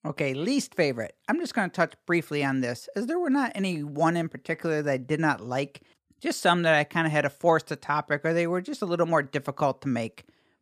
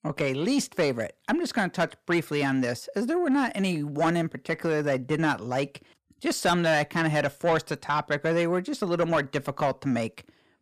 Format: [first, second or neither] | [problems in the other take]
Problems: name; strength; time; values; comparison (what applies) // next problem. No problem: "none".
first | distortion; slight; 10 dB below the speech